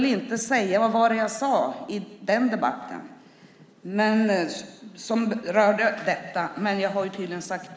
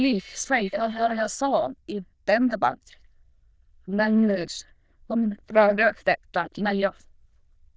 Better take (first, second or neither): first